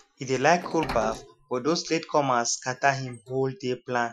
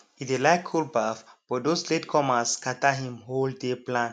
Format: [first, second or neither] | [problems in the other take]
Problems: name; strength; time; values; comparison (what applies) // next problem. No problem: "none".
second | noise reduction (classical method Wiener filter)